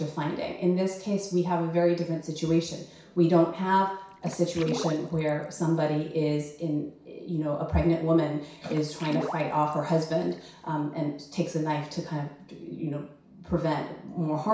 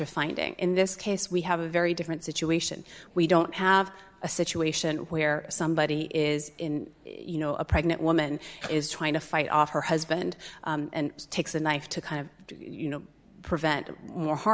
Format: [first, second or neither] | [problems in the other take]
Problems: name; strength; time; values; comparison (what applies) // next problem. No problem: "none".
second | background sound (Water / Splash, splatter); 13 dB below the speech // room echo; dies away in 0.6 s